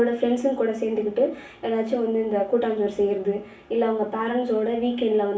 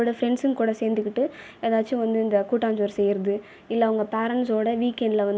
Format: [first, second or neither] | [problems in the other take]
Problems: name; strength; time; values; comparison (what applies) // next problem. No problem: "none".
second | room echo; dies away in 0.3 s